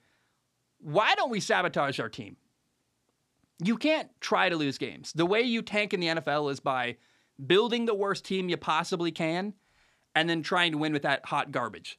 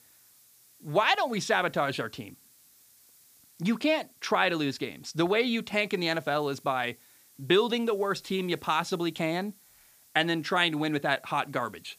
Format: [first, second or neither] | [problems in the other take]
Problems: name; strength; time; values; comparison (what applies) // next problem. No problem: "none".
first | hiss; faint; throughout; 25 dB below the speech